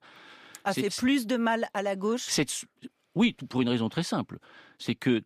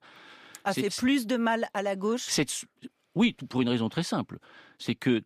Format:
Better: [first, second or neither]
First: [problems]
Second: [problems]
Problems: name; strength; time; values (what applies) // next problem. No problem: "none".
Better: neither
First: none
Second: none